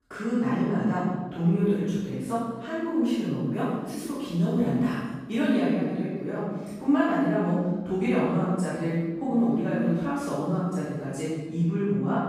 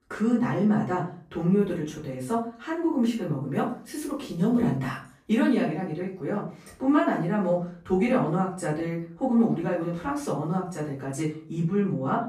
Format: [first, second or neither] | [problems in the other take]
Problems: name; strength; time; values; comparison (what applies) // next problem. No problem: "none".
second | room echo; strong; dies away in 1.3 s; slight in the second // off-mic speech; far; far in the second